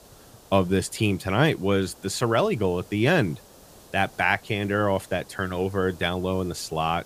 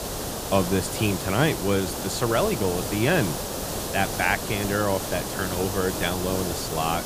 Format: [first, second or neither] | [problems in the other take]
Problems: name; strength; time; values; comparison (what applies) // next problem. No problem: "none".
first | hiss; loud; throughout; 4 dB below the speech; faint in the first